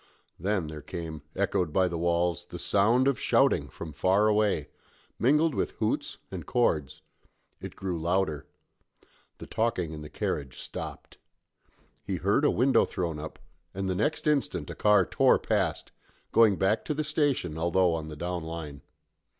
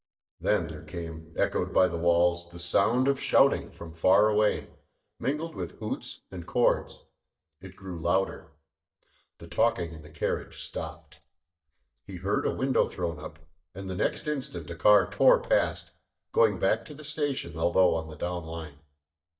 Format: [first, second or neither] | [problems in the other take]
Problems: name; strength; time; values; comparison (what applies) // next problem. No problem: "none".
first | noise reduction (neural mask model DeepFilterNet 3)